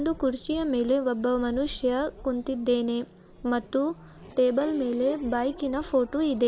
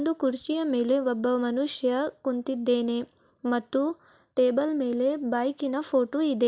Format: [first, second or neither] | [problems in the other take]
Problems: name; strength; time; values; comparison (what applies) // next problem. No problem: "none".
second | background sound (Race car, auto racing / Accelerating, revving, vroom); 18 dB below the speech